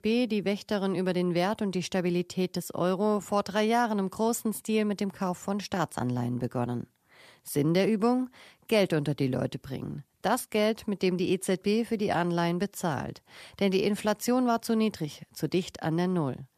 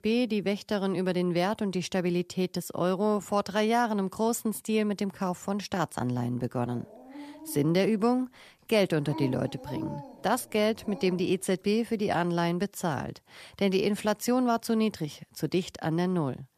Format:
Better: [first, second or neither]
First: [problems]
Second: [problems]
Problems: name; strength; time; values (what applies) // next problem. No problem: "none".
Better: first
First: none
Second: dog barking; noticeable; from 6.5 to 11 s; peak 8 dB below the speech